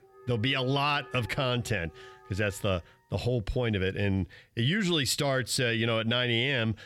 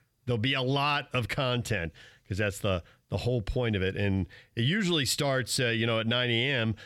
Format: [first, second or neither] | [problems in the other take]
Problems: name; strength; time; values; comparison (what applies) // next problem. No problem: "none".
second | background music; faint; until 2.5 s; 20 dB below the speech